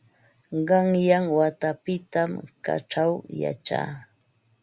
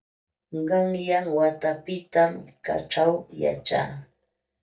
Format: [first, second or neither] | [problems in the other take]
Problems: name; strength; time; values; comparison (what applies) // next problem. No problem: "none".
first | noise reduction (neural mask model DeepFilterNet 3)